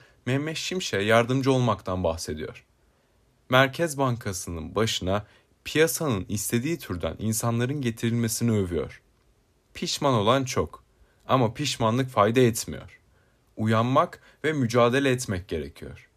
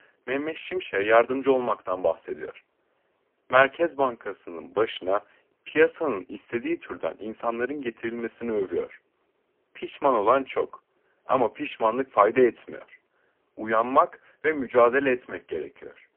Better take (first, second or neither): first